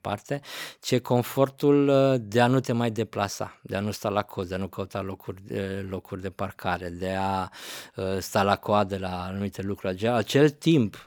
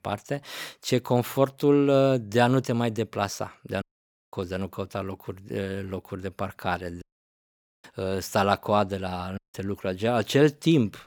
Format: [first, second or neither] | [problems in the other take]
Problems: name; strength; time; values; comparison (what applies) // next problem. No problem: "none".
first | audio cutting out; at 4 s for 0.5 s, at 7 s for 1 s and at 9.5 s